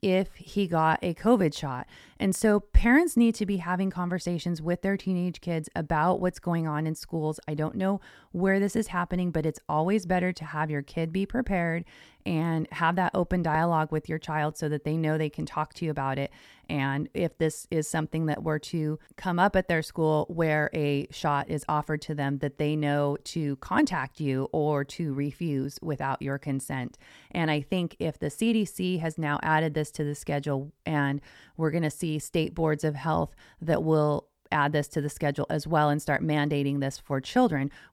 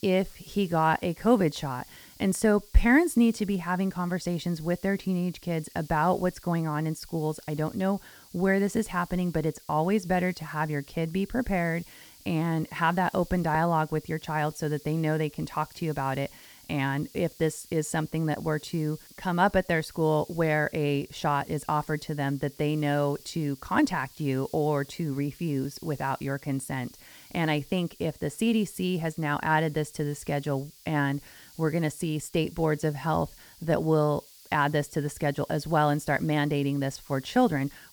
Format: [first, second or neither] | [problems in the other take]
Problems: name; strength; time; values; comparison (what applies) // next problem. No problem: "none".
first | hiss; faint; throughout; 20 dB below the speech